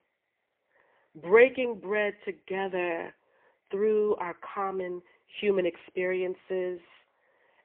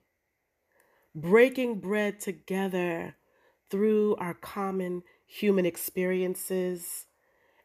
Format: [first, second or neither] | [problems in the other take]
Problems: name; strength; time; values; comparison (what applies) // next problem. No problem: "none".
second | phone-call audio; poor line